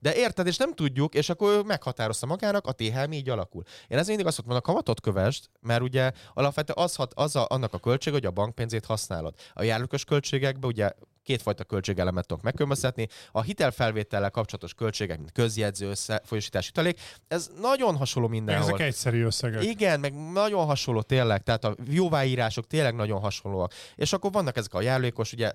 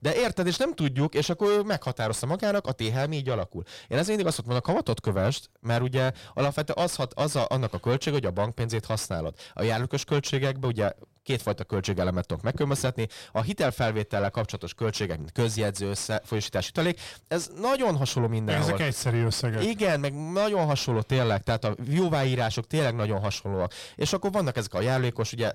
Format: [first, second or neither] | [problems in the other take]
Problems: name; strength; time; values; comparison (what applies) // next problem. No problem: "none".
first | distortion; slight; 10 dB below the speech